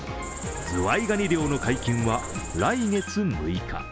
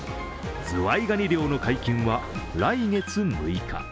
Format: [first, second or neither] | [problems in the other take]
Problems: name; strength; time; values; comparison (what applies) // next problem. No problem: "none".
second | background sound (Cricket); 13 dB below the speech